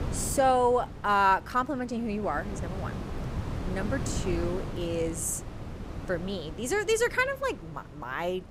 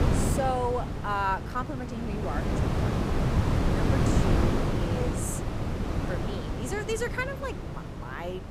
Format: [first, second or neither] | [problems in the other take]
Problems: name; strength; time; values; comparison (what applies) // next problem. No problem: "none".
first | wind noise on the microphone; heavy; 2 dB below the speech; occasional gusts in the first